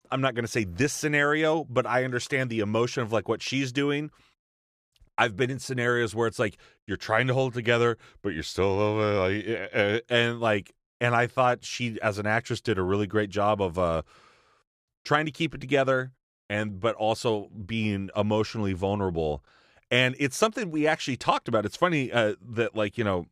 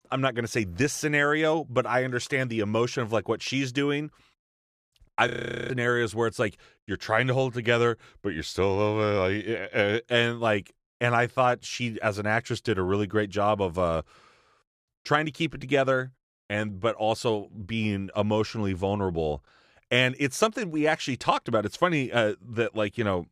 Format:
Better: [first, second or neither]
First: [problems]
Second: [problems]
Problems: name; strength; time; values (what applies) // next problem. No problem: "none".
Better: first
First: none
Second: audio freezing; at 5.5 s